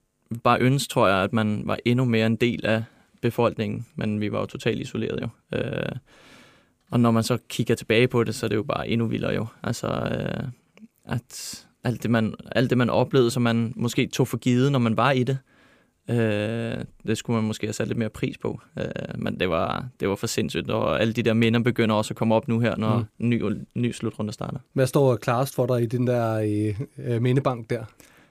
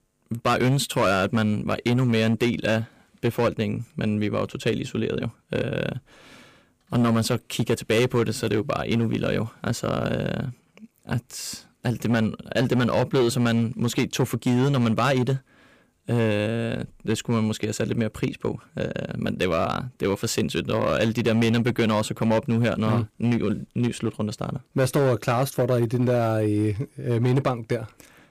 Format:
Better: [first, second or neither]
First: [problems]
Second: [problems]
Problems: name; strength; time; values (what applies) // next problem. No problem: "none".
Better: first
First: none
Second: distortion; slight; 7% of the sound clipped